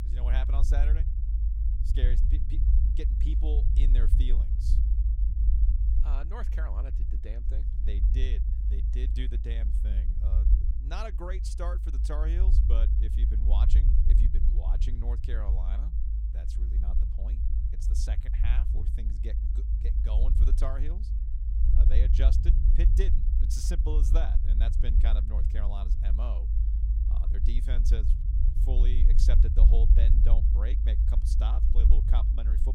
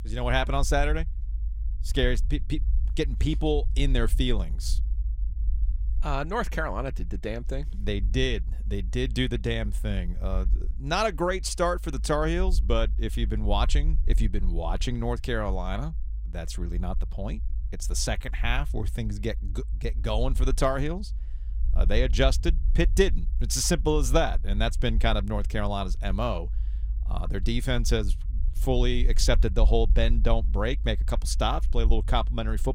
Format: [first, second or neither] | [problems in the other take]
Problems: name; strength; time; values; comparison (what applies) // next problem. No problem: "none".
second | low rumble; loud; throughout; 4 dB below the speech; faint in the second